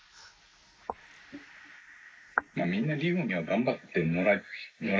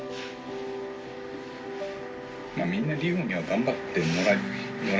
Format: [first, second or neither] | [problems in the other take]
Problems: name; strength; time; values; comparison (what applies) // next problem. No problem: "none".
second | noise reduction (neural mask model Resemble Enhance denoiser)